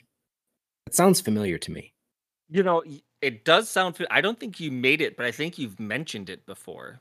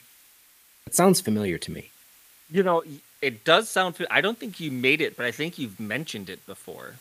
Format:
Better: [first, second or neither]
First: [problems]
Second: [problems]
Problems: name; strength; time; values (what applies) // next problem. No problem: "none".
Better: first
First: none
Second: hiss; faint; throughout; 25 dB below the speech